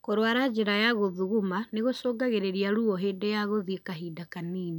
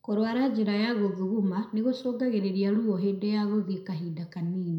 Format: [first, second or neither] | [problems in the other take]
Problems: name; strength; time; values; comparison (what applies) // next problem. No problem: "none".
first | room echo; dies away in 0.5 s